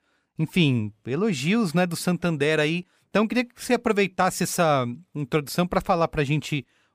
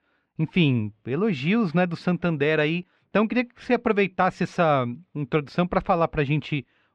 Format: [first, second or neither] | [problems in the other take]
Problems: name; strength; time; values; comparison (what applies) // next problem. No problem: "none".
first | muffled; slightly; fading above 3.5 kHz